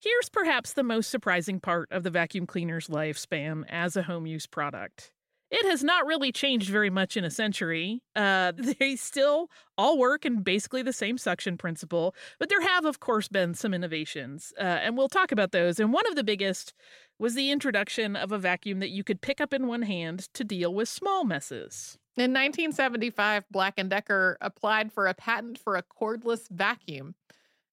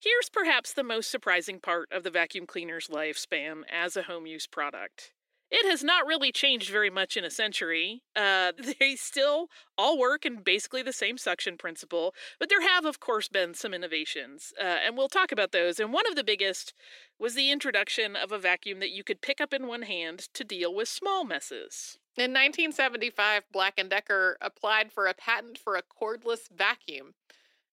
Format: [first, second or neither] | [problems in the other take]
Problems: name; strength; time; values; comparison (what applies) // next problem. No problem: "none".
first | thin; somewhat; fading below 350 Hz